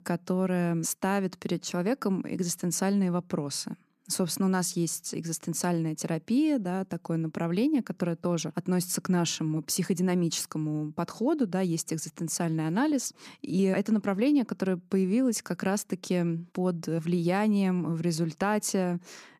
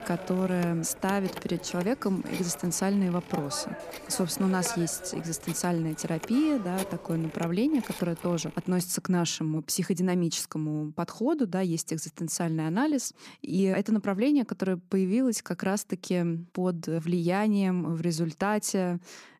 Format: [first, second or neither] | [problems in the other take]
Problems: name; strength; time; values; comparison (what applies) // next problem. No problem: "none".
first | phone ringing; noticeable; until 9 s; peak 8 dB below the speech